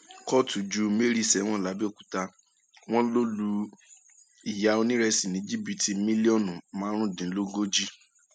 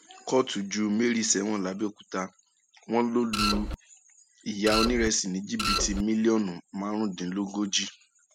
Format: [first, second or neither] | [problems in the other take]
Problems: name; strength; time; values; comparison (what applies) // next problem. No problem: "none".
first | background sound (Printer); as loud as the speech